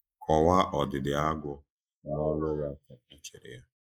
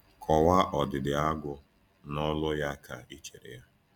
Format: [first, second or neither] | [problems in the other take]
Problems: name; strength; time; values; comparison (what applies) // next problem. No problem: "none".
second | noise reduction (neural mask model Resemble Enhance denoiser)